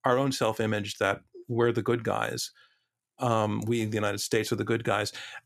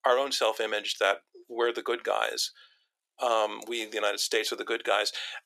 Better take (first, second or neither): first